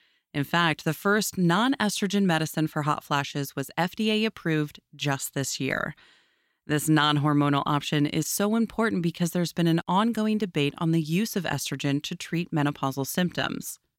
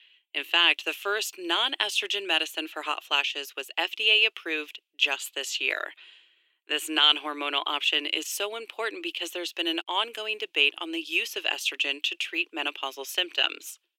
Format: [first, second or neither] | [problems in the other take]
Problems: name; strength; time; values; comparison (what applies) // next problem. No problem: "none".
first | thin; very; fading below 350 Hz